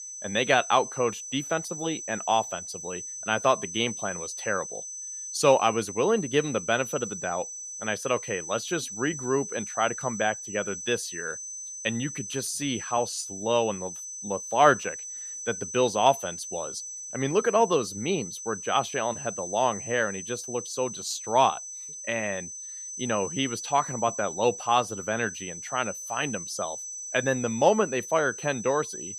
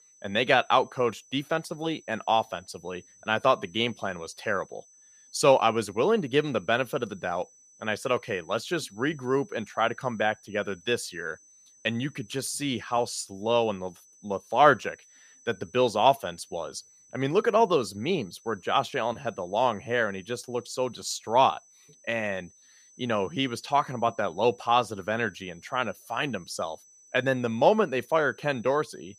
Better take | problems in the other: second | high-pitched whine; loud; throughout; 6 kHz, 8 dB below the speech; faint in the second

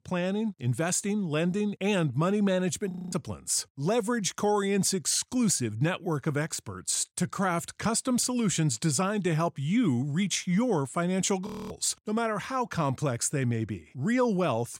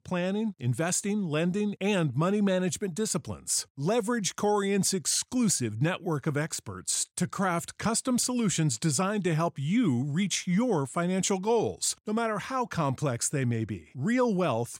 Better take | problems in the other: second | audio freezing; at 3 s and at 11 s

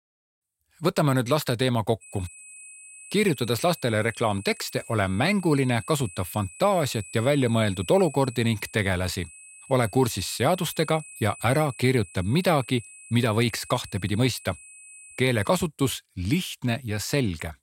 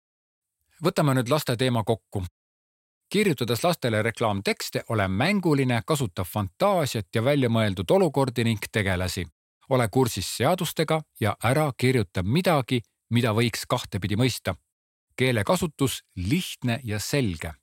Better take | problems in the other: second | high-pitched whine; noticeable; from 2 to 16 s; 8 kHz, 20 dB below the speech

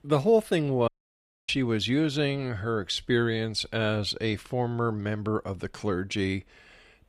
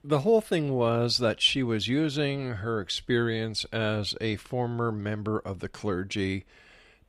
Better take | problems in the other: second | audio cutting out; at 1 s for 0.5 s

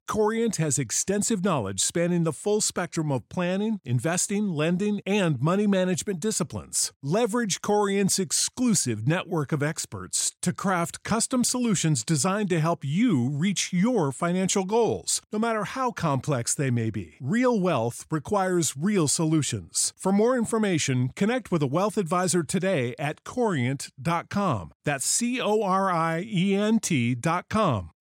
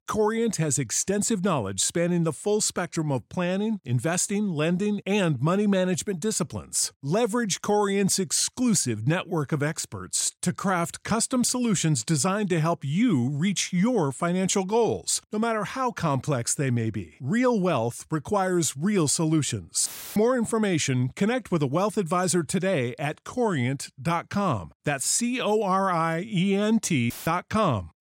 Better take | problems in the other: first | audio cutting out; filled with static; at 20 s and at 27 s

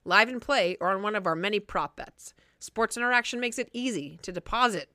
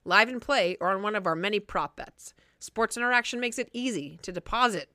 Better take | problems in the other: neither | none

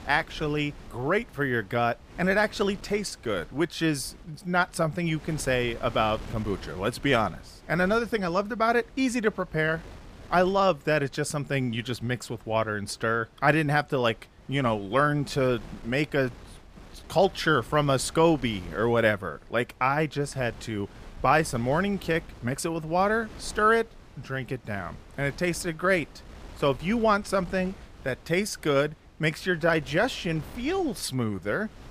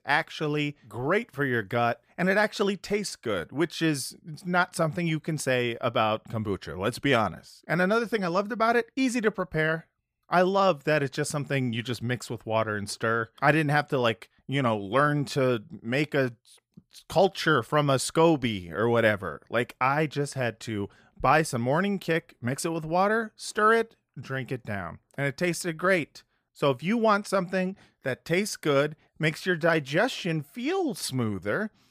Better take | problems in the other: second | wind noise on the microphone; occasional gusts; 25 dB below the speech

